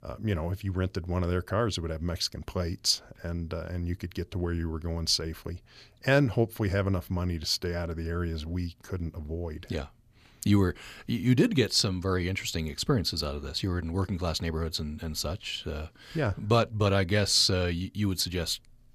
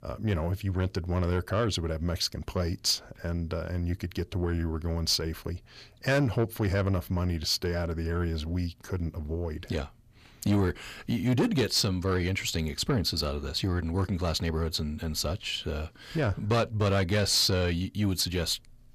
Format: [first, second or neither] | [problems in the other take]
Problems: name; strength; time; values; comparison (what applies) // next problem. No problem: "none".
first | distortion; slight; 10 dB below the speech